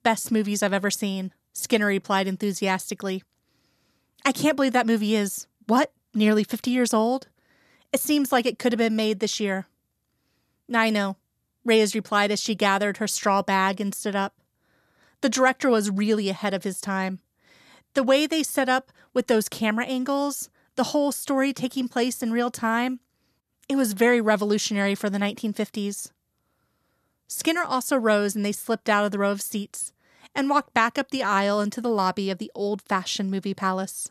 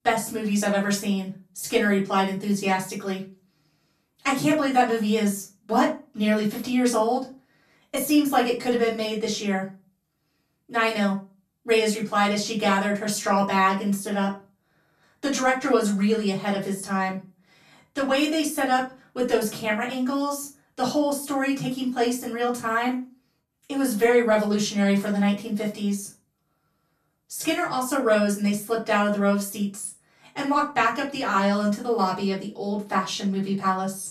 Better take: first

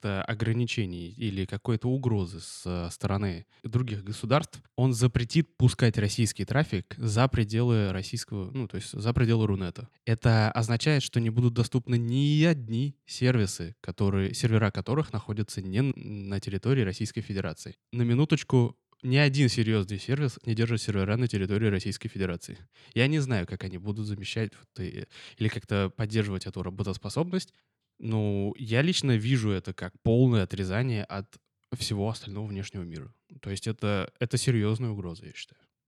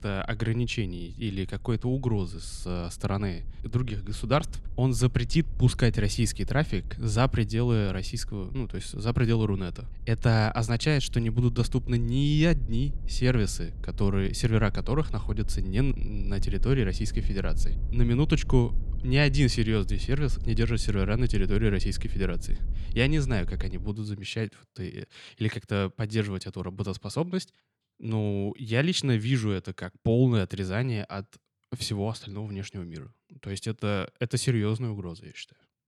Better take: first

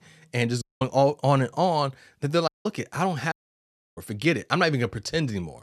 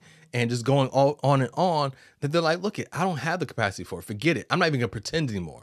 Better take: second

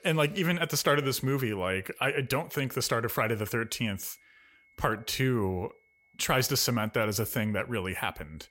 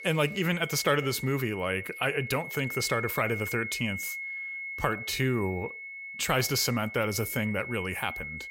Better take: first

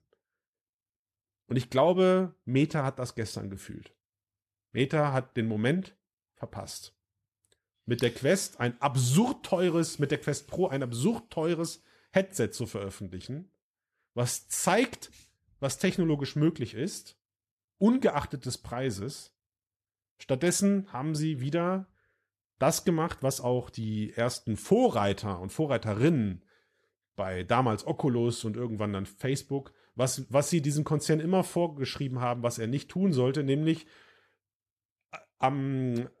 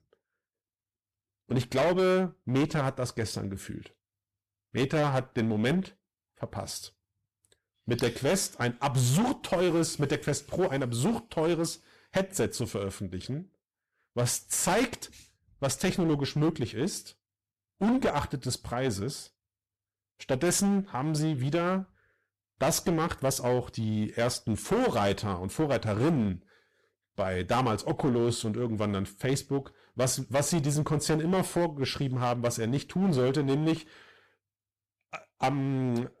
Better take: first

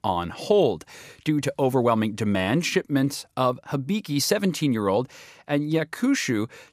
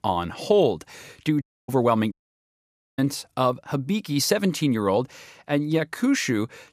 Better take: first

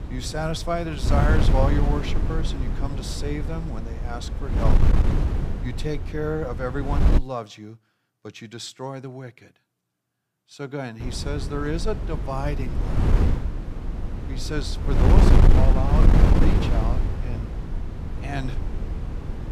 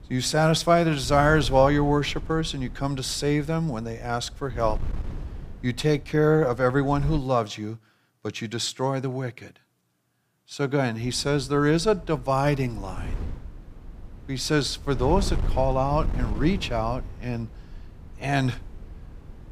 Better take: second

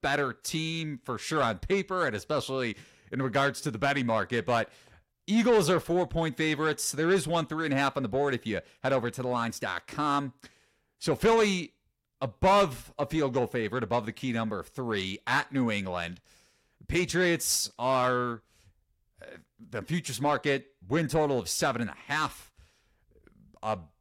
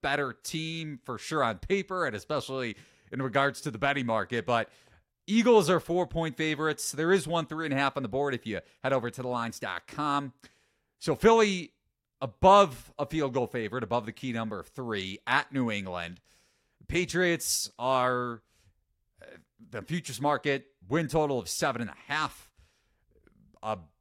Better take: second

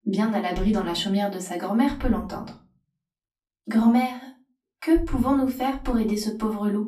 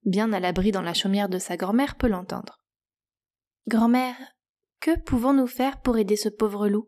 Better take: second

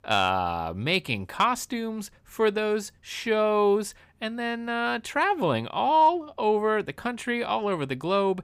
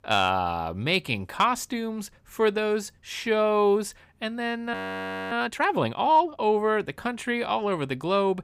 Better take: first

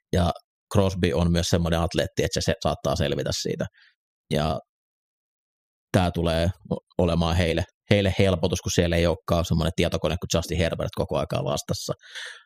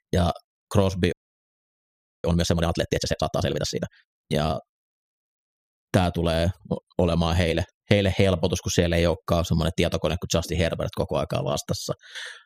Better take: first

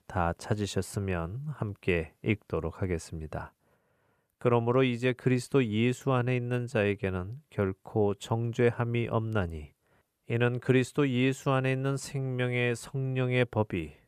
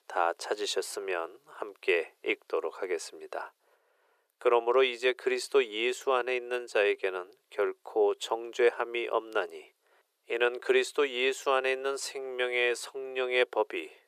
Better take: first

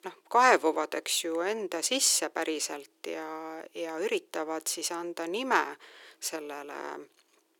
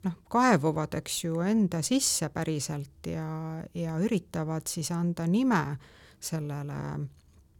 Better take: second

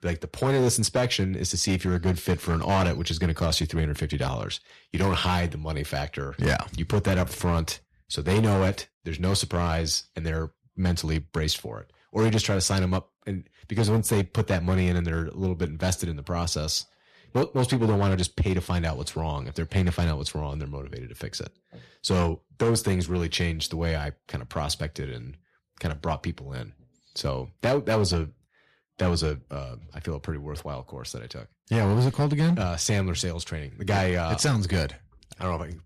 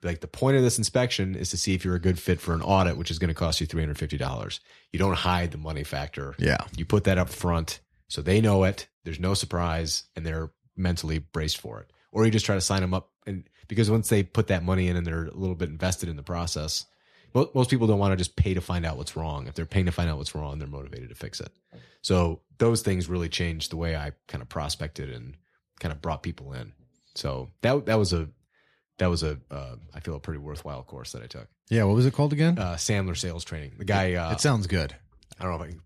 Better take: second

